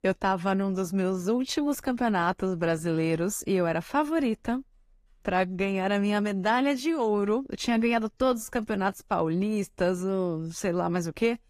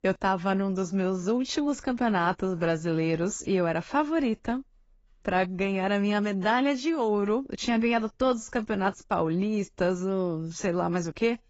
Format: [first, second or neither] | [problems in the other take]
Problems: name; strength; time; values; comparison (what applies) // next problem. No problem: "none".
first | garbled, watery; badly; nothing above 7.5 kHz; slightly in the first